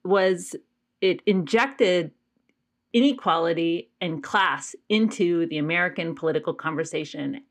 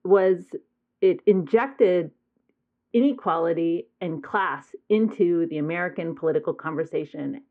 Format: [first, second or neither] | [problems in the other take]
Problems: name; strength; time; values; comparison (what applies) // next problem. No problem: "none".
first | muffled; very; fading above 3 kHz